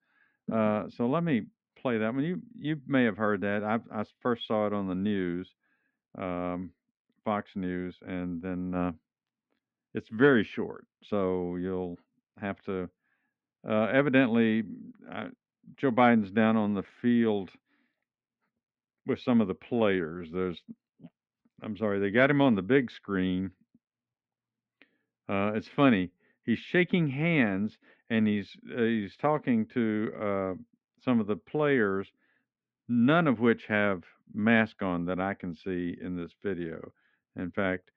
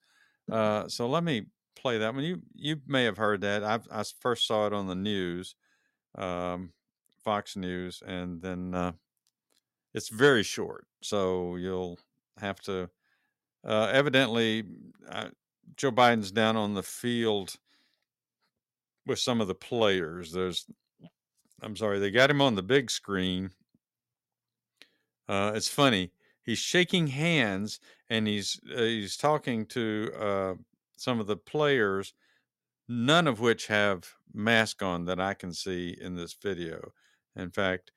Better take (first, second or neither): second